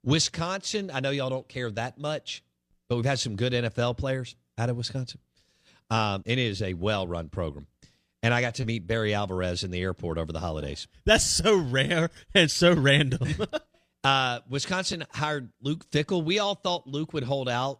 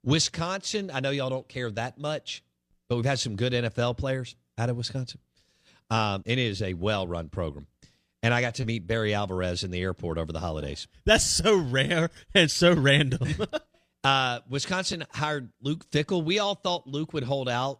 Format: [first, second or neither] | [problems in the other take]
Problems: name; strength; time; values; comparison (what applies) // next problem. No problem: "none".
neither | none